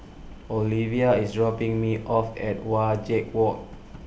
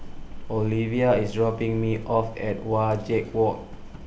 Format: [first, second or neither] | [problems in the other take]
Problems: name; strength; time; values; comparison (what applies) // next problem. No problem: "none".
first | background sound (Livestock, farm animals, working animals); 12 dB below the speech